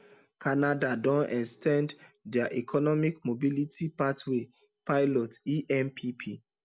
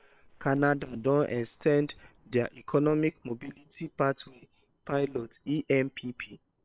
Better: first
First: none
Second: noise reduction (neural separator model SepFormer WHAM!)

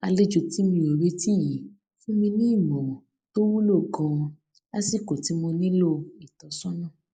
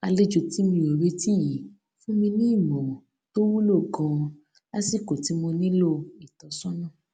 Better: second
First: noise reduction (neural mask model Resemble Enhance denoiser)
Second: none

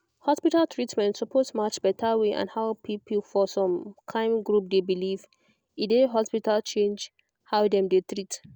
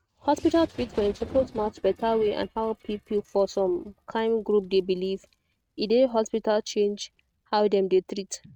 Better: first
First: none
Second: noise reduction (neural mask model RNNoise)

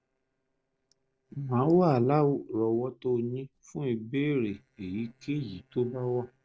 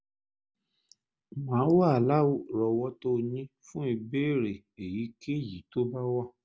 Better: second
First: noise reduction (neural separator model SepFormer DNS4)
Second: none

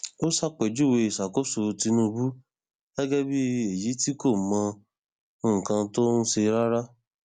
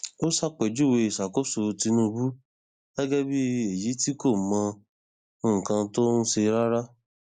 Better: first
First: none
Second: noise reduction (neural mask model Resemble Enhance denoiser)

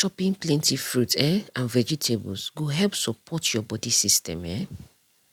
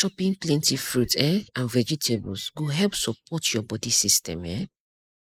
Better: first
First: none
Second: noise reduction (neural mask model Resemble Enhance denoiser)

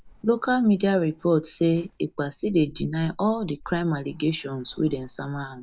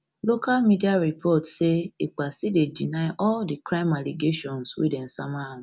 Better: second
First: noise reduction (neural mask model DeepFilterNet 3)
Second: none

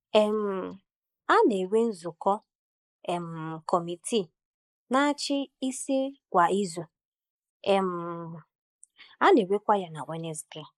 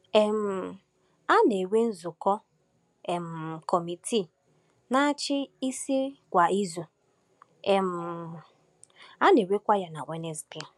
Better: second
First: noise reduction (neural mask model Resemble Enhance denoiser)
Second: none

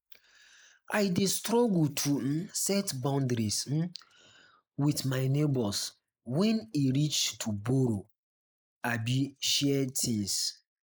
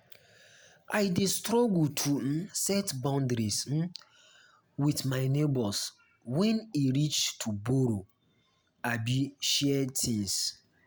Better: second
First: noise reduction (neural mask model Resemble Enhance denoiser)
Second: none

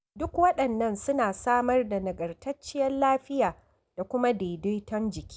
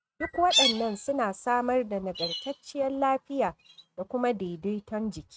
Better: first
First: none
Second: noise reduction (neural mask model RNNoise)

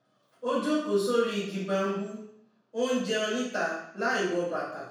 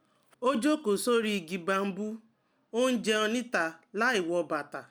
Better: second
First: room echo; dies away in 0.7 s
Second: none

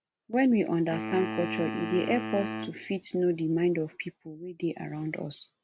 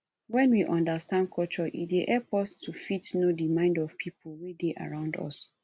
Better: second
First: background sound (Wind instrument, woodwind instrument); 7 dB below the speech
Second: none

